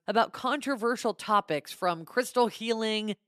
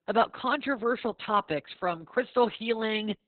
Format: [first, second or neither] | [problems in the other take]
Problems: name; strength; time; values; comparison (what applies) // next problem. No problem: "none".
first | garbled, watery; badly; nothing above 4 kHz